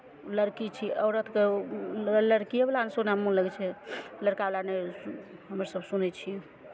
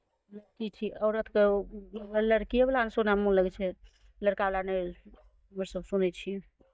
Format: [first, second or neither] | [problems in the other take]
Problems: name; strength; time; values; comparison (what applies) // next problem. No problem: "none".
first | noise reduction (neural mask model DeepFilterNet 3)